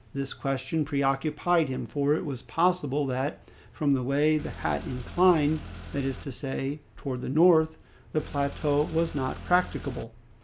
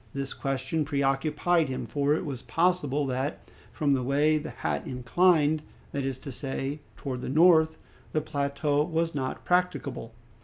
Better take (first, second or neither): second